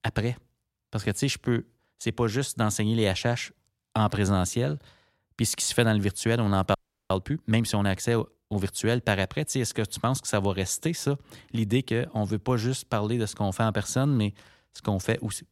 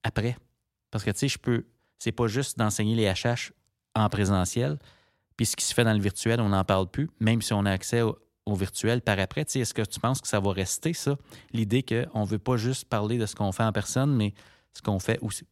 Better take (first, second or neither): second